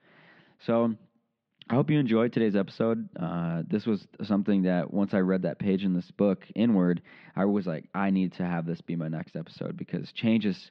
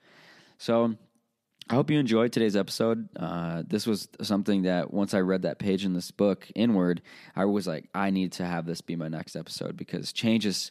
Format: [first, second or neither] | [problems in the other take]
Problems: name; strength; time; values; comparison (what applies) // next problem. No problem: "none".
second | muffled; slightly; fading above 3 kHz